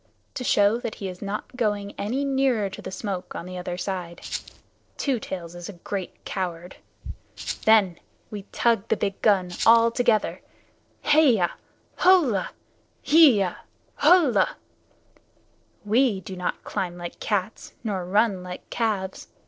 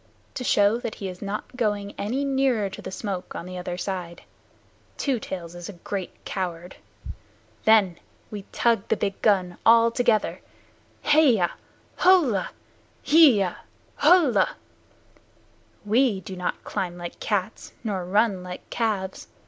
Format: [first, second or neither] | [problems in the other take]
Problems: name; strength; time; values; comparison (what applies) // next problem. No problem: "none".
second | noise reduction (neural separator model SepFormer DNS4)